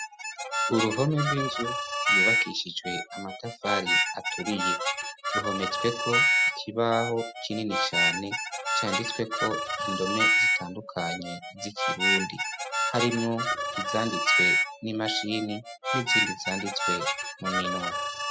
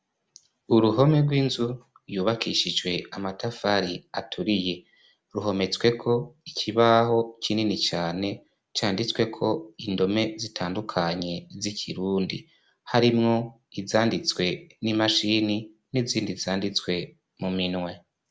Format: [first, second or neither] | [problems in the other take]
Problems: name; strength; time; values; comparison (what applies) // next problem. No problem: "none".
second | noise reduction (classical method spectral subtraction)